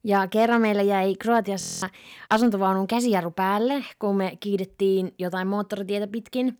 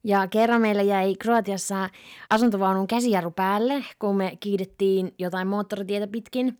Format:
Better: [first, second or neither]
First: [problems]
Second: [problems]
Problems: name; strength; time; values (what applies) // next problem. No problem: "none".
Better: second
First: audio freezing; at 1.5 s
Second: none